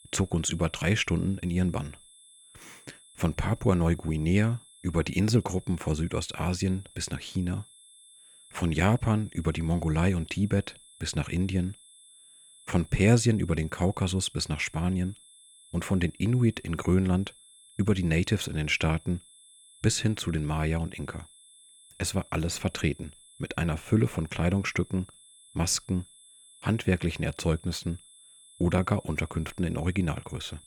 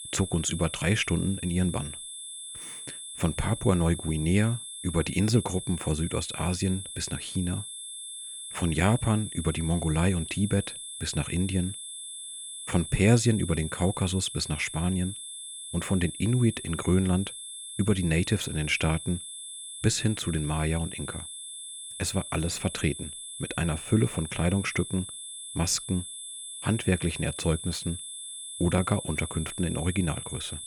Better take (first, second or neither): first